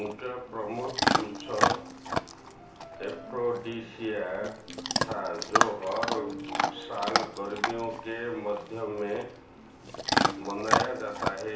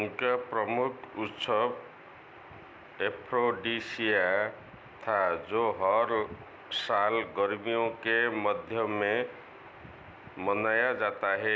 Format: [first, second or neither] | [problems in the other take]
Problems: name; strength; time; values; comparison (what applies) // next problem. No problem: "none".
second | background sound (Chewing, mastication / Dog); 3 dB above the speech // room echo; dies away in 0.8 s